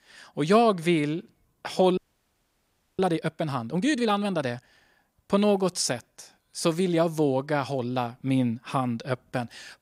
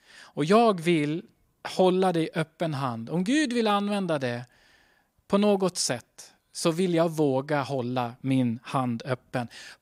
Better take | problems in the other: second | audio freezing; at 2 s for 1 s

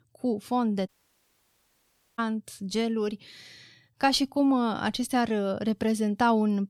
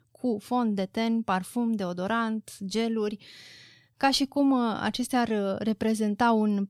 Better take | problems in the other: second | audio cutting out; at 1 s for 1.5 s

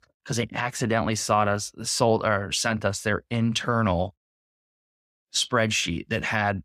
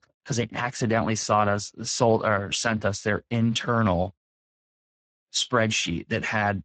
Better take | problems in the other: first | garbled, watery; badly; nothing above 8 kHz

